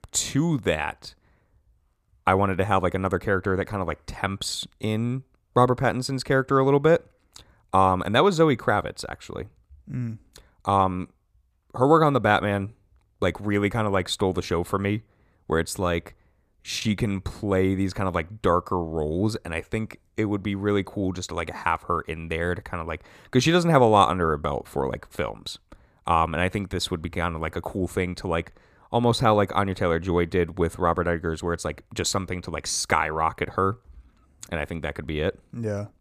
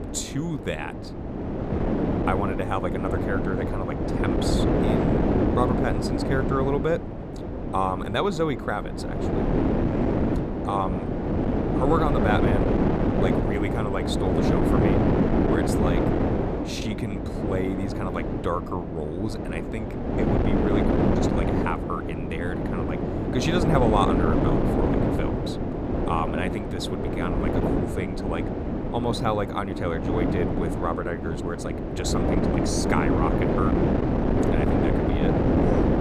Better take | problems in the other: first | wind noise on the microphone; heavy; 1 dB above the speech

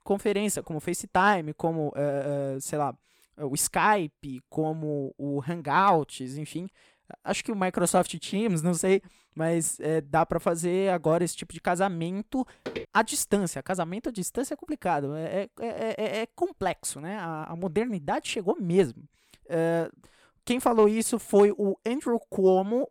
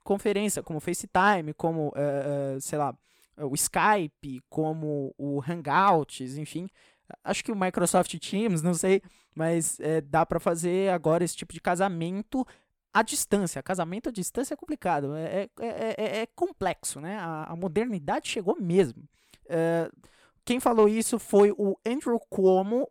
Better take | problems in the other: second | footsteps; faint; at 13 s; peak 10 dB below the speech

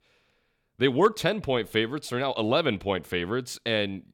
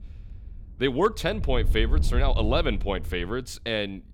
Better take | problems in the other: first | wind noise on the microphone; occasional gusts; 20 dB below the speech

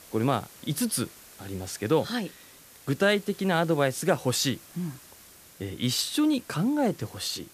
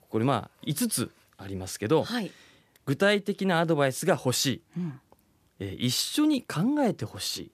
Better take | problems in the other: second | hiss; faint; throughout; 20 dB below the speech

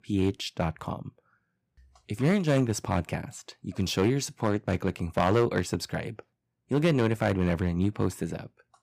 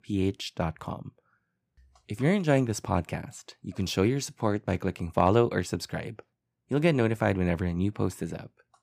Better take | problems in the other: second | distortion; slight; 2% of the sound clipped

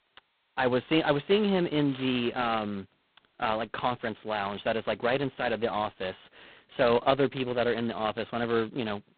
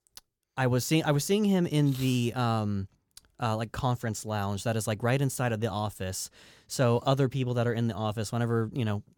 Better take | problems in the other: second | phone-call audio; poor line; nothing above 4 kHz

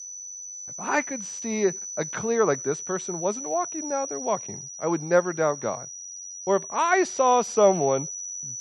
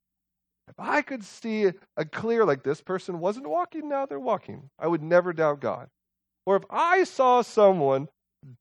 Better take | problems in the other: second | high-pitched whine; loud; throughout; 6 kHz, 8 dB below the speech

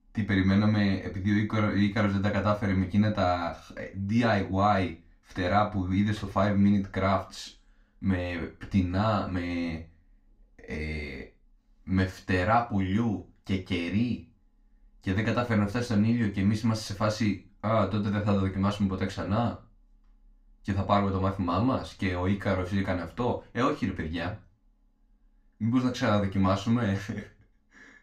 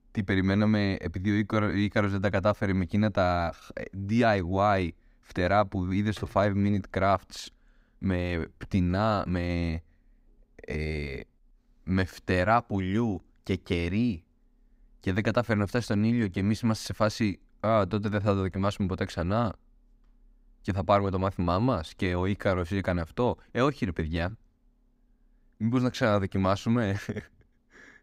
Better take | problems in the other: second | room echo; very slight; dies away in 0.3 s // off-mic speech; somewhat distant

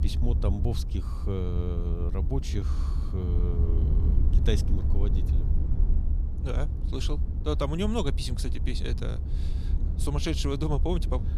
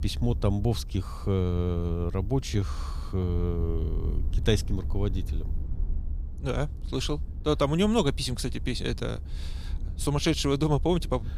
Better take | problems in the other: second | low rumble; loud; throughout; 9 dB below the speech; faint in the second

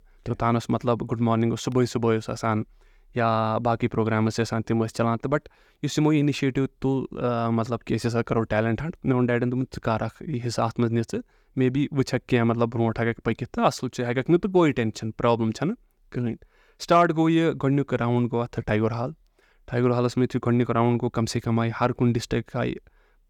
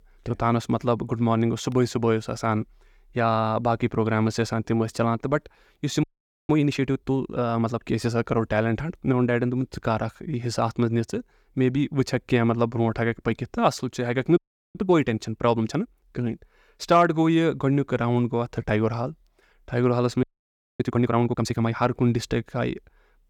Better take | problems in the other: first | audio freezing; at 6 s, at 14 s and at 20 s for 0.5 s

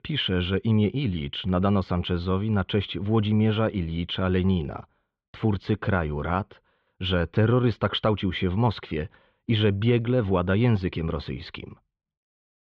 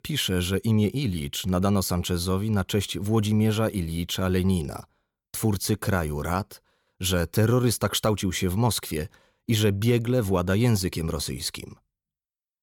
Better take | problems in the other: second | muffled; very; fading above 3.5 kHz

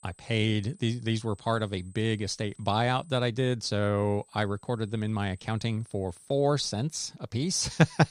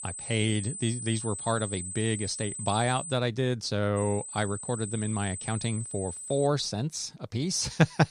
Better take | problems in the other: first | high-pitched whine; loud; until 3 s and from 4 to 6.5 s; 8 kHz, 7 dB below the speech; faint in the first

